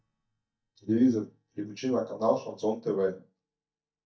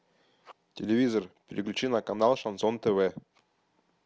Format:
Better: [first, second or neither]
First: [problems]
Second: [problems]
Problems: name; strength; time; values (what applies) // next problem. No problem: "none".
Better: second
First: noise reduction (neural mask model DeepFilterNet 3)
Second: none